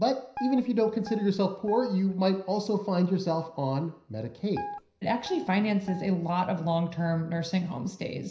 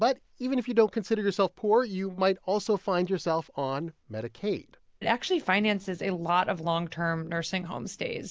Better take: second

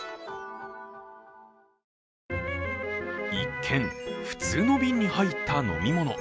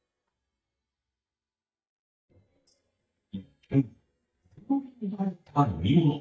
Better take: first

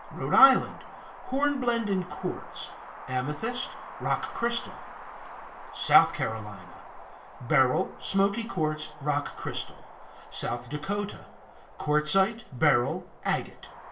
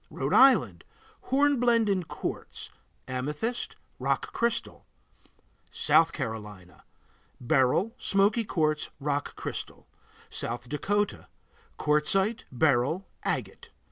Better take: second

